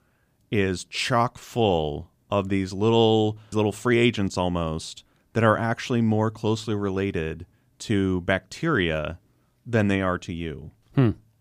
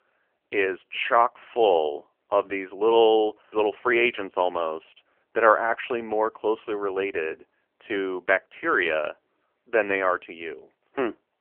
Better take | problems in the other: first | phone-call audio; poor line; nothing above 3 kHz

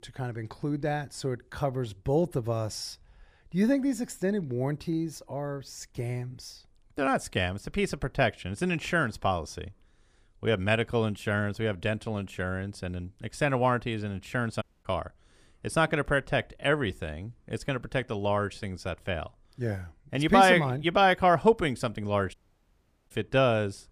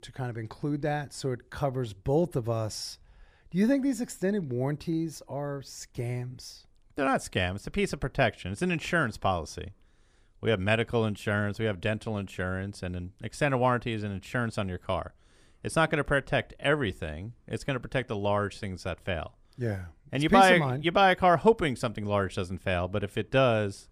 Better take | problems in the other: second | audio cutting out; at 15 s and at 22 s for 1 s

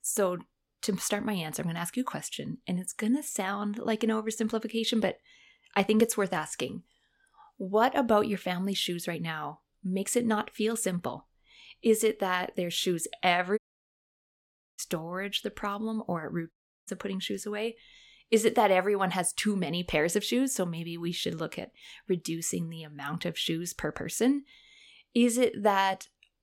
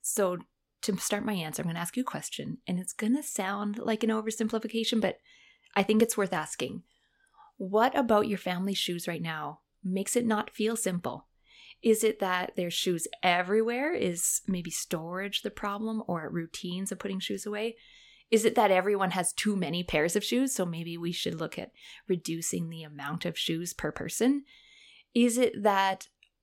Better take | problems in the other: second | audio cutting out; at 14 s for 1 s and at 17 s

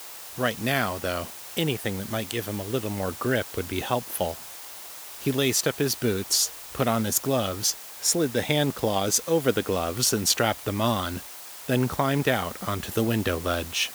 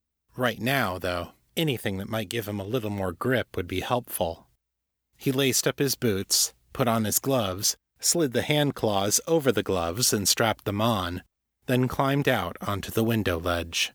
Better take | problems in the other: second | hiss; noticeable; throughout; 10 dB below the speech

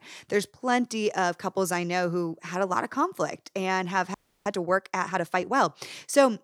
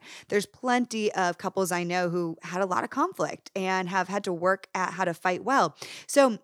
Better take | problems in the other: second | audio freezing; at 4 s

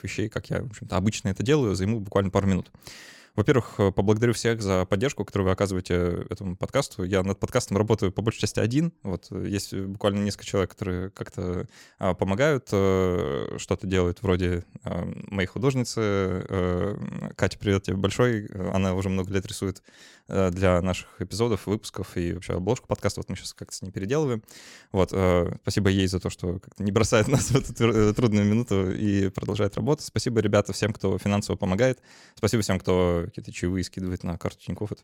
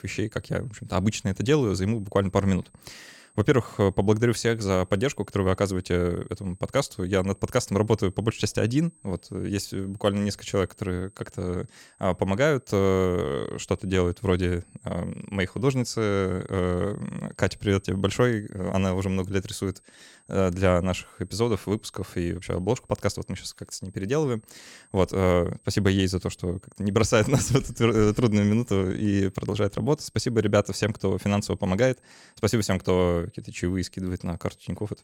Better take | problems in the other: first | high-pitched whine; faint; throughout; 8.5 kHz, 30 dB below the speech

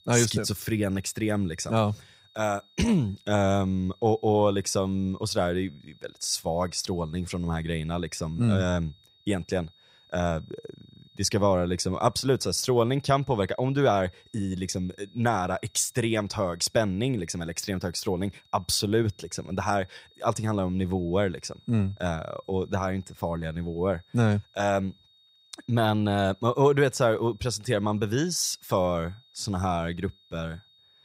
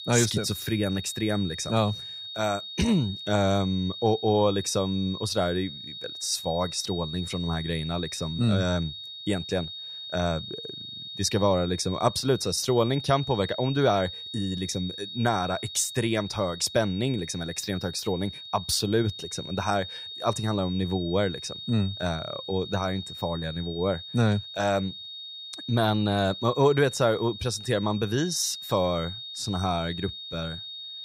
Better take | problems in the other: first | high-pitched whine; loud; throughout; 3.5 kHz, 10 dB below the speech; faint in the first

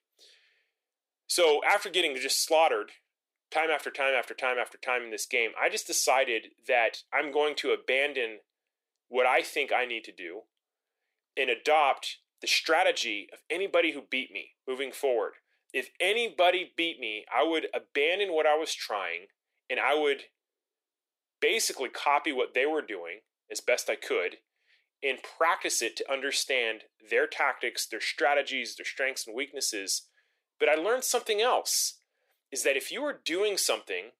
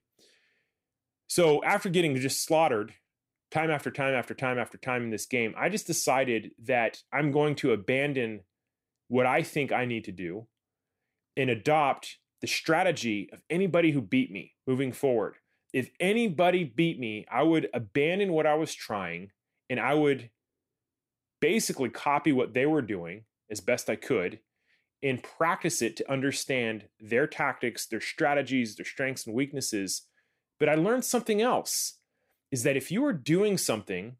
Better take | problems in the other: second | thin; very; fading below 400 Hz

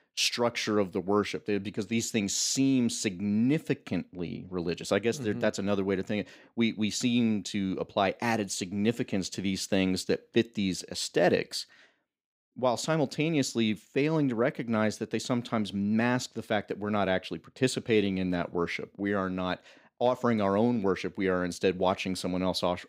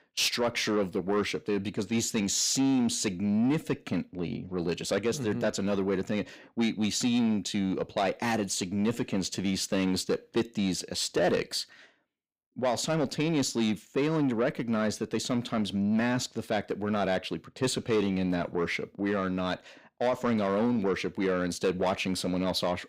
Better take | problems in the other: first | distortion; slight; 10 dB below the speech

